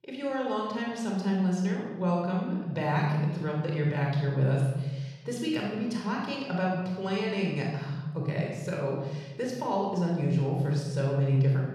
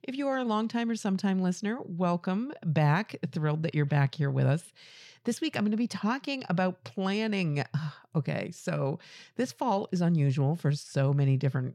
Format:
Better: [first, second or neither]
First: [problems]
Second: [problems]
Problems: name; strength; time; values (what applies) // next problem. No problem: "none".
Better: second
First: off-mic speech; somewhat distant // room echo; noticeable; dies away in 1 s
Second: none